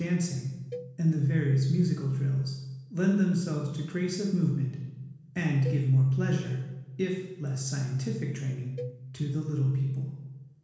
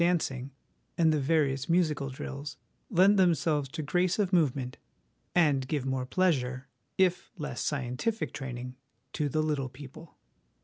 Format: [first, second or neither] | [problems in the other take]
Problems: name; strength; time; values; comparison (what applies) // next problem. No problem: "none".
second | background sound (Cowbell); 19 dB below the speech // room echo; dies away in 1.1 s